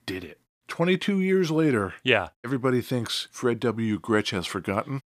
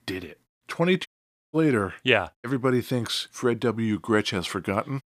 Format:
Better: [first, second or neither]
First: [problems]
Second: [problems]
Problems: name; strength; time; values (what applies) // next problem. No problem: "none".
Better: first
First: none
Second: audio cutting out; at 1 s